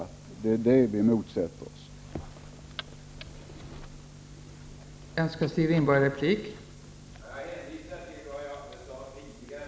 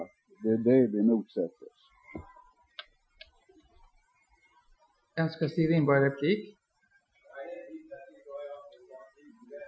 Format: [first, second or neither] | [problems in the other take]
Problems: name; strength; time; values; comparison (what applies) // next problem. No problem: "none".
first | noise reduction (classical method Wiener filter)